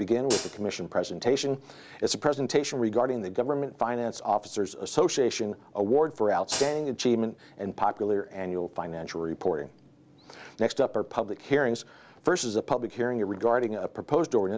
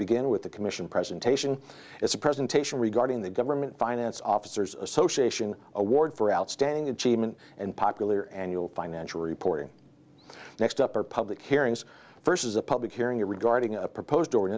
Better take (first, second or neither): second